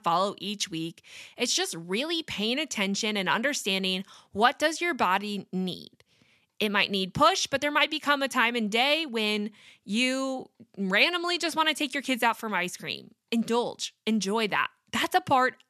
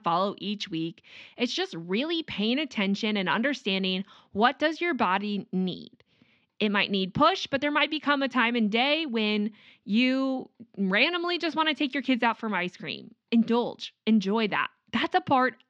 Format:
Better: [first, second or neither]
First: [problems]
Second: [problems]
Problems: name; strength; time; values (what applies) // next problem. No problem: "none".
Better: first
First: none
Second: muffled; very slightly; fading above 4.5 kHz